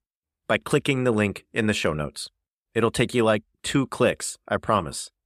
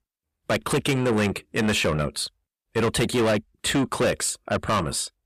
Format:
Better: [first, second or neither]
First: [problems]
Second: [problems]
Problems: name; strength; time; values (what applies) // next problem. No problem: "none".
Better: first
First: none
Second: distortion; heavy; 6 dB below the speech